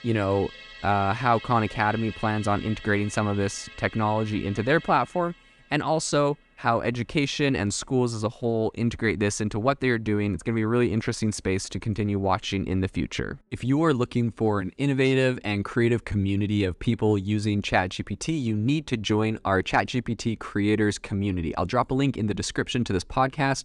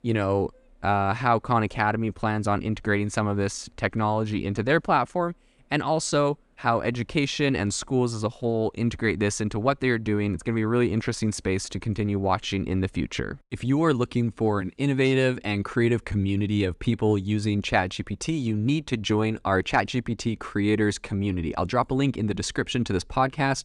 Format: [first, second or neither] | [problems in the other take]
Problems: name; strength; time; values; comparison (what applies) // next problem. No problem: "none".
second | background music; noticeable; throughout; 15 dB below the speech